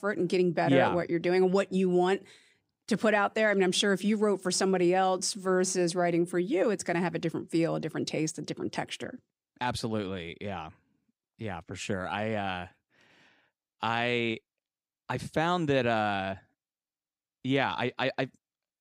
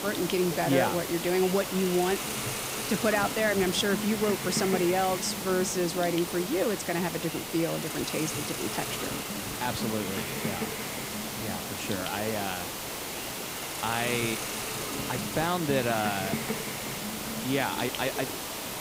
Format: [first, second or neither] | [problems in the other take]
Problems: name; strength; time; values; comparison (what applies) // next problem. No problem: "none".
first | hiss; loud; throughout; 3 dB below the speech